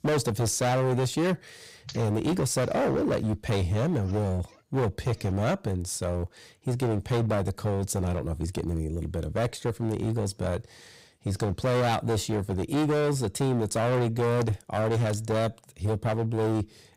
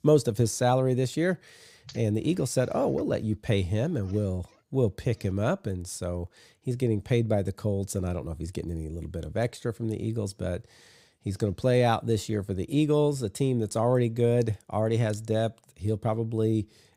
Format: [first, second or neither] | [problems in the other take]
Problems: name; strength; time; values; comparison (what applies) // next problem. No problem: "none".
second | distortion; heavy; 19% of the sound clipped